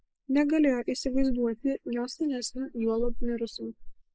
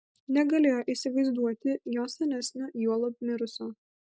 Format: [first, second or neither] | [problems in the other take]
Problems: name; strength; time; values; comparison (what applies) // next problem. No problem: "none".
second | noise reduction (neural mask model Resemble Enhance denoiser)